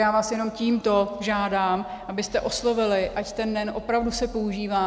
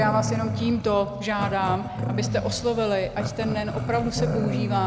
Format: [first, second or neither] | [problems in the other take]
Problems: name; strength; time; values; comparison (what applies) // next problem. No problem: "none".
first | background sound (Growling); 3 dB below the speech